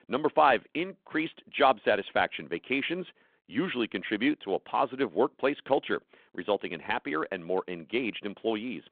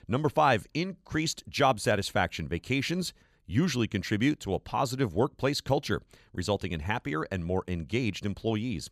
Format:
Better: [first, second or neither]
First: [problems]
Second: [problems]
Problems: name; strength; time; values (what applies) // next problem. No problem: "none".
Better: second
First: phone-call audio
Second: none